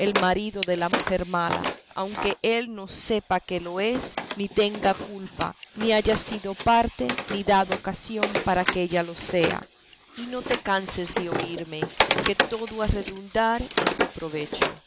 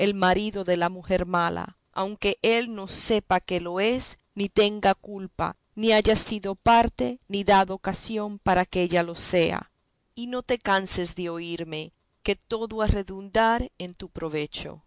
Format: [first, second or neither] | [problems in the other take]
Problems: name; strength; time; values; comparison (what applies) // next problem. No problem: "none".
second | background sound (Wood); 4 dB below the speech